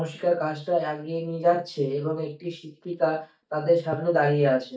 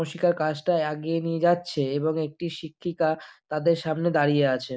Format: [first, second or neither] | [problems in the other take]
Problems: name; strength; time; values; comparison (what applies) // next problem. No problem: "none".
second | noise reduction (neural mask model DeepFilterNet 3)